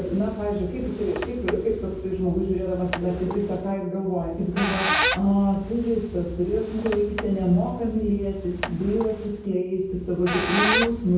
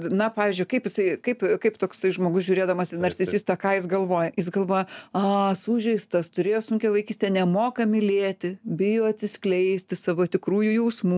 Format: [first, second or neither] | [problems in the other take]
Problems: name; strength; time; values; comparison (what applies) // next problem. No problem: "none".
second | background sound (Squeak); 6 dB below the speech // room echo; dies away in 0.9 s